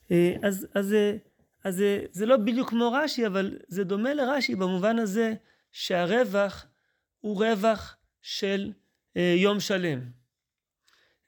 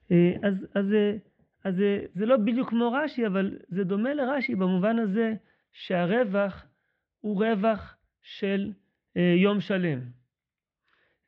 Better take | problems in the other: first | muffled; very; fading above 3 kHz

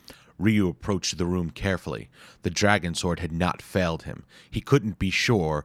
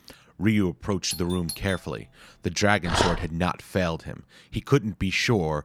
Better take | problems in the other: first | doorbell; noticeable; at 1 s; peak 9 dB below the speech // dog barking; loud; at 3 s; peak 1 dB above the speech

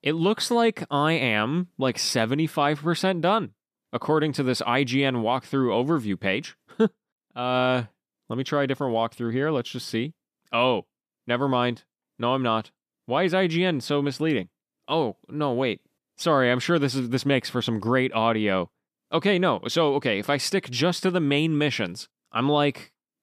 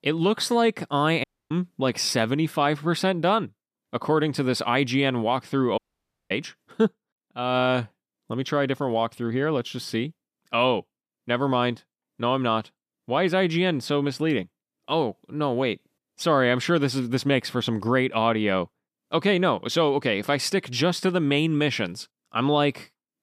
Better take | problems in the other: first | audio cutting out; at 1 s and at 6 s for 0.5 s

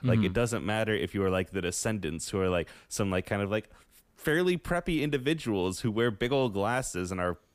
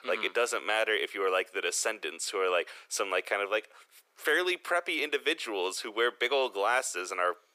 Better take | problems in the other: first | thin; very; fading below 400 Hz

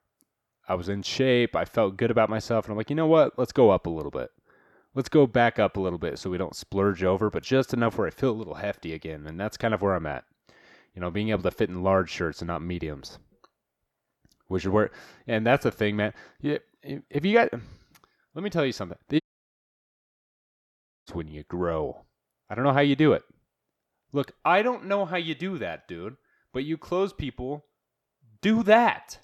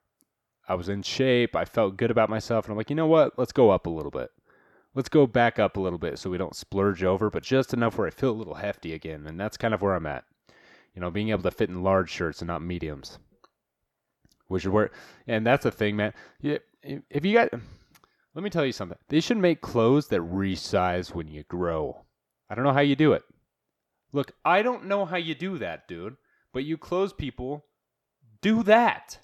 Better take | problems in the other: second | audio cutting out; at 19 s for 2 s

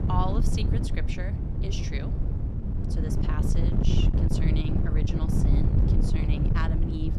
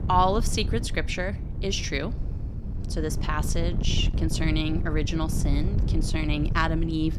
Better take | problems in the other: second | wind noise on the microphone; heavy; 1 dB above the speech; occasional gusts in the second

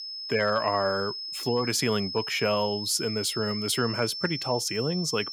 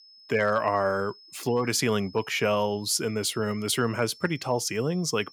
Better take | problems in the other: second | high-pitched whine; loud; throughout; 5 kHz, 5 dB below the speech; faint in the second

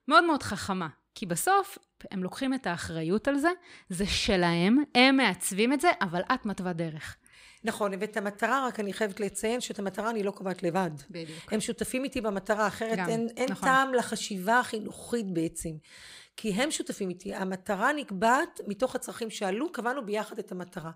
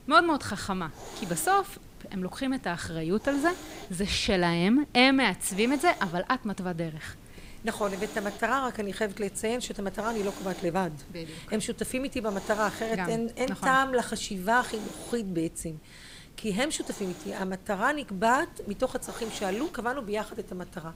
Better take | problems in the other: first | hiss; noticeable; throughout; 20 dB below the speech

